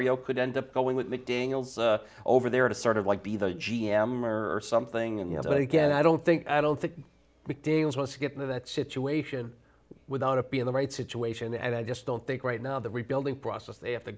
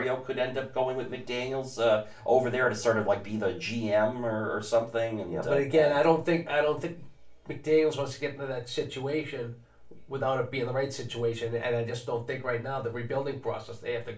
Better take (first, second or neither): first